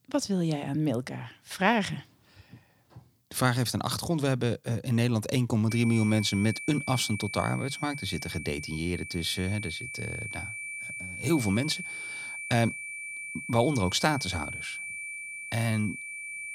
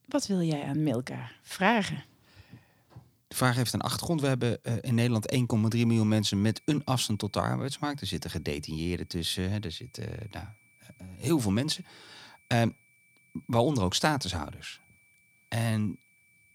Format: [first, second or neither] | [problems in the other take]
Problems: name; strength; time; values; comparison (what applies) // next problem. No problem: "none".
second | high-pitched whine; loud; from 5.5 s on; 2.5 kHz, 8 dB below the speech; faint in the second